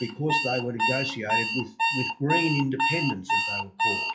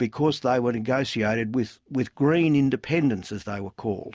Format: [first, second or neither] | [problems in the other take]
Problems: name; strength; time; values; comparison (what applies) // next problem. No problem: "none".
second | noise reduction (classical method WPE with log-MMSE)